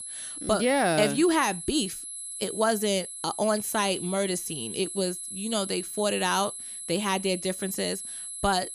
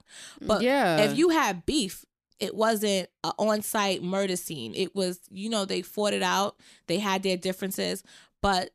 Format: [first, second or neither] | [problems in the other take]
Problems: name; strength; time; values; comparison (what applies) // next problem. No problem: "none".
second | high-pitched whine; loud; throughout; 11 kHz, 8 dB below the speech